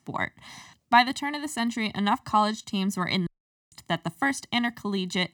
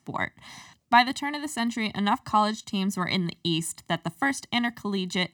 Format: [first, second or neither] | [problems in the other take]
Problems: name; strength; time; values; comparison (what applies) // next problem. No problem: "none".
second | audio cutting out; at 3.5 s